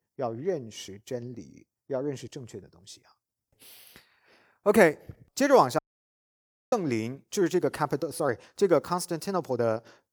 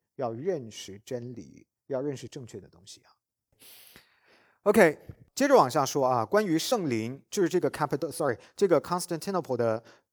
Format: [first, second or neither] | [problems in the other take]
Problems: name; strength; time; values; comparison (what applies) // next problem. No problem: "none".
second | audio cutting out; at 6 s for 1 s